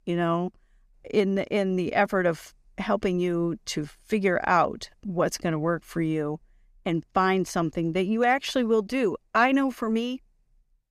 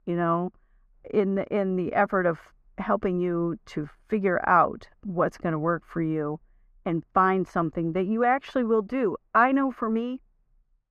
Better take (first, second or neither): first